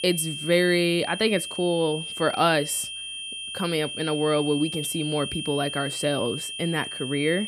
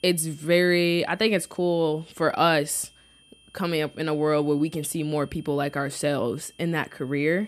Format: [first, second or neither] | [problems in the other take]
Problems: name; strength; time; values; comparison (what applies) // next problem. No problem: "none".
second | high-pitched whine; loud; throughout; 3 kHz, 6 dB below the speech; faint in the second